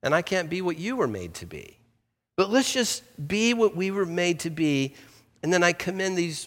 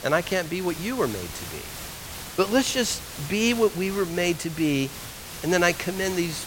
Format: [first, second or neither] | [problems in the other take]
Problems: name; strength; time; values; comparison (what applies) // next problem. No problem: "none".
first | hiss; noticeable; throughout; 10 dB below the speech